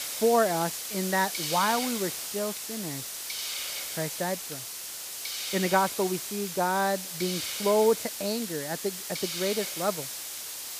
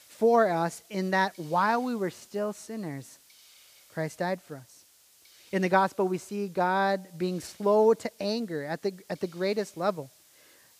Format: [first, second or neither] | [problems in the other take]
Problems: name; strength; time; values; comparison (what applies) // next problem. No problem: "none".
second | hiss; loud; throughout; 4 dB below the speech; faint in the second